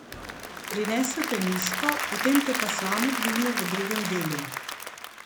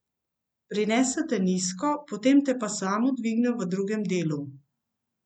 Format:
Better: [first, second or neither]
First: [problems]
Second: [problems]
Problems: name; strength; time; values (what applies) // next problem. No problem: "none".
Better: second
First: background sound (Applause / Crowd); 2 dB below the speech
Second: none